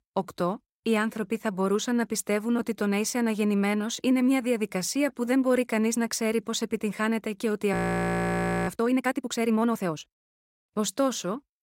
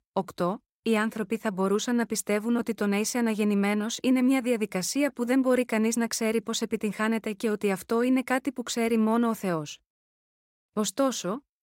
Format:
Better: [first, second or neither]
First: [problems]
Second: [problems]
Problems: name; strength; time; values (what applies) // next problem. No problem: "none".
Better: second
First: audio freezing; at 7.5 s for 1 s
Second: none